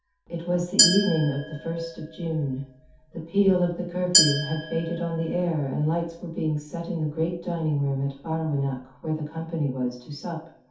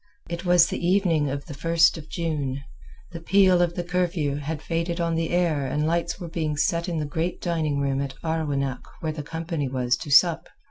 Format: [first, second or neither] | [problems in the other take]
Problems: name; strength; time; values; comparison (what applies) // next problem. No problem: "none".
second | background sound (Glass); 2 dB below the speech // room echo; dies away in 0.5 s